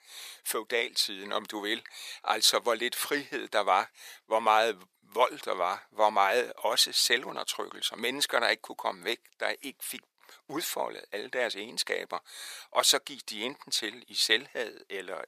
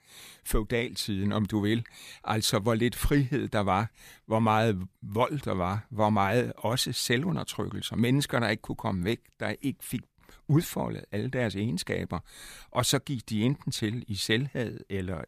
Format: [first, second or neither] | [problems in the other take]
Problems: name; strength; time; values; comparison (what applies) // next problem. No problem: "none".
second | thin; very; fading below 500 Hz